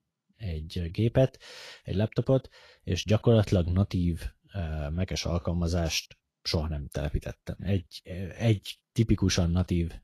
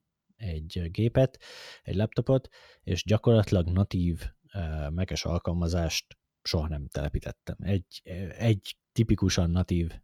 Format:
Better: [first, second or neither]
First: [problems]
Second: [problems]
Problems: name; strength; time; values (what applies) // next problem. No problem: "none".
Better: second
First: garbled, watery; slightly; nothing above 13 kHz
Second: none